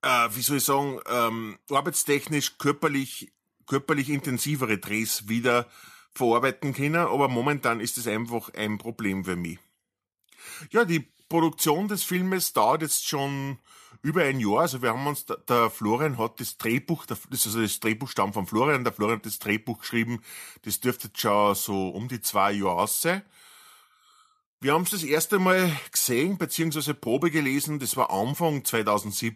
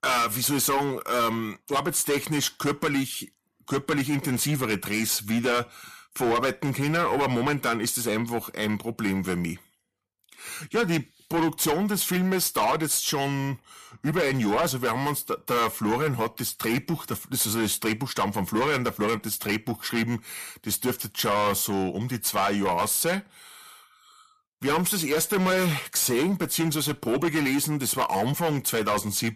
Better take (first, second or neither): first